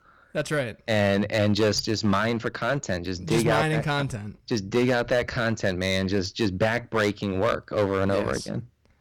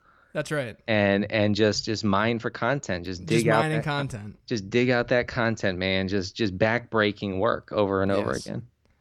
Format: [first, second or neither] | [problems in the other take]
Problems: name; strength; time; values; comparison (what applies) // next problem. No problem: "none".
second | distortion; heavy; 7% of the sound clipped